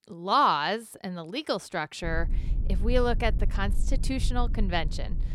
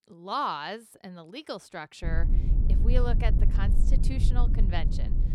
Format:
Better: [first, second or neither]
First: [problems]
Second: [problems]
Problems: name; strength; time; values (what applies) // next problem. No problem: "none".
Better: first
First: low rumble; faint; from 2 s on; 20 dB below the speech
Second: low rumble; loud; from 2 s on; 10 dB below the speech